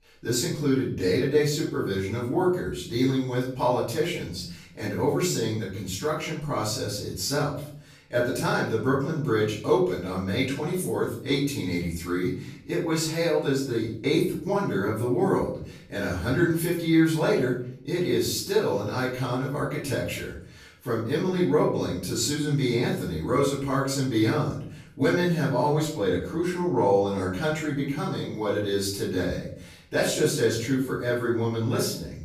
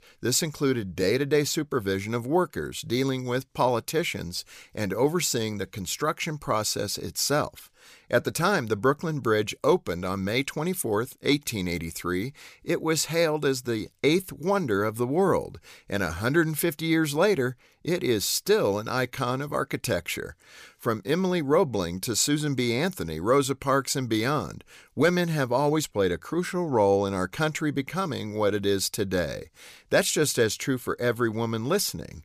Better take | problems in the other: second | off-mic speech; far // room echo; noticeable; dies away in 0.6 s

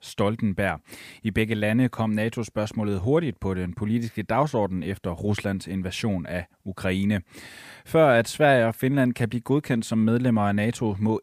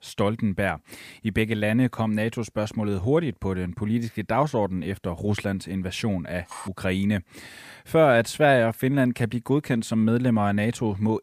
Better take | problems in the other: first | clattering dishes; faint; at 6.5 s; peak 15 dB below the speech

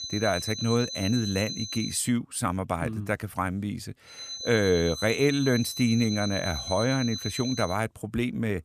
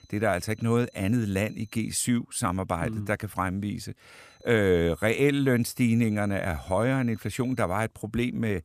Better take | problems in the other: second | high-pitched whine; loud; until 2 s and from 4 to 7.5 s; 4 kHz, 7 dB below the speech; faint in the second

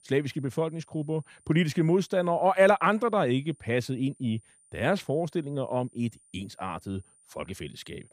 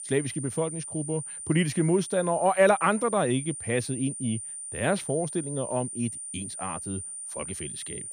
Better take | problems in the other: first | high-pitched whine; loud; throughout; 9 kHz, 8 dB below the speech; faint in the first

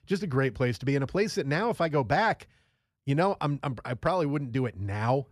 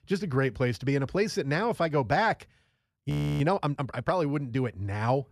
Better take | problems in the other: first | audio freezing; at 3 s

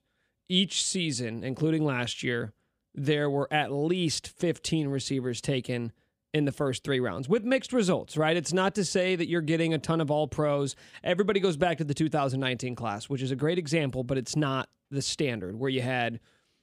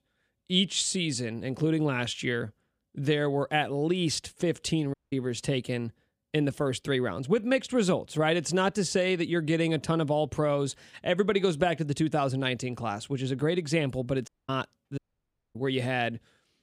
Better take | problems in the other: first | audio cutting out; at 5 s, at 14 s and at 15 s for 0.5 s

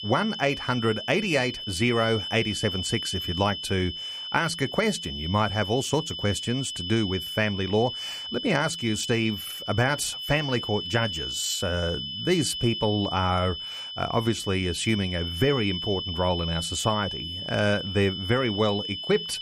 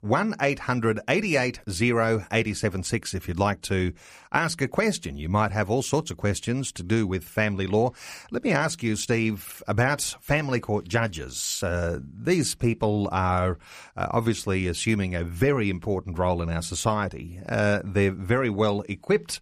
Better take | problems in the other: second | high-pitched whine; loud; throughout; 3 kHz, 5 dB below the speech

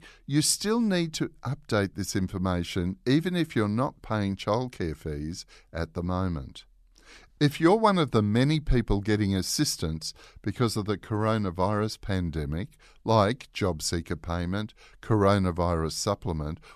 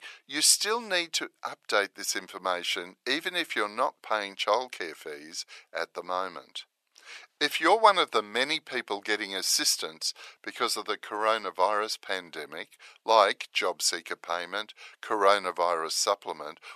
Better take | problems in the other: first | thin; very; fading below 550 Hz

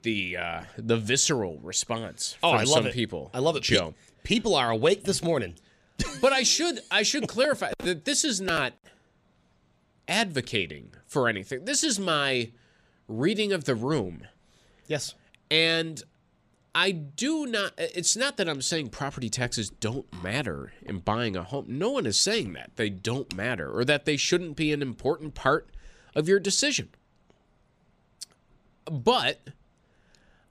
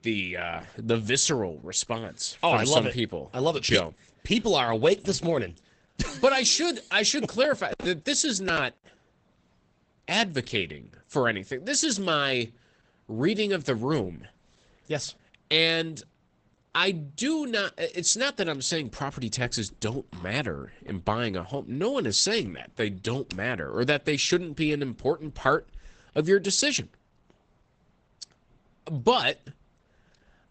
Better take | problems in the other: first | garbled, watery; badly; nothing above 8 kHz

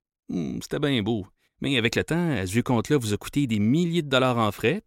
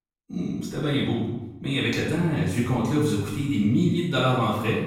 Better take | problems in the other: first | off-mic speech; far // room echo; noticeable; dies away in 0.9 s

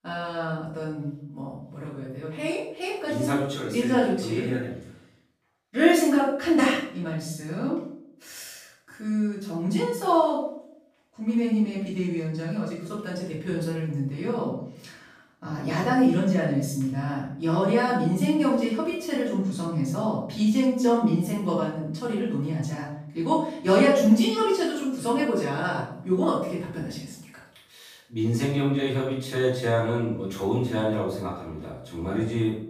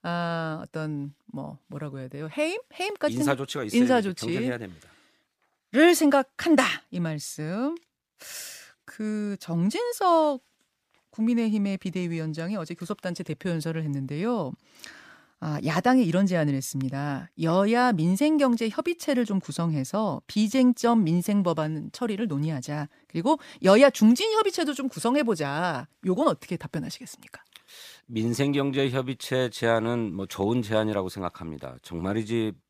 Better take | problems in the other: second | off-mic speech; far // room echo; noticeable; dies away in 0.6 s

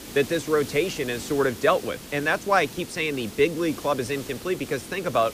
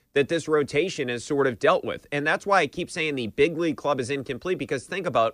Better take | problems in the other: second | hiss; noticeable; throughout; 15 dB below the speech

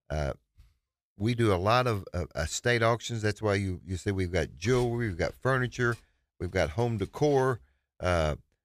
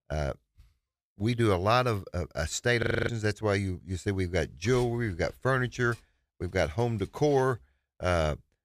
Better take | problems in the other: first | audio freezing; at 3 s

